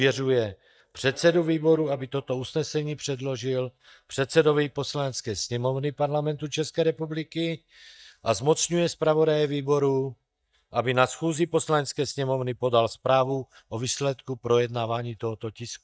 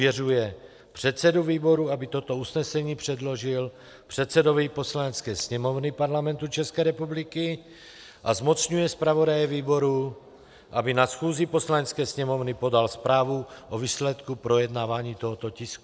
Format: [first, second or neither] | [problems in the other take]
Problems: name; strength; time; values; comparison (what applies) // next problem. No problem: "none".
second | noise reduction (neural mask model DeepFilterNet 3)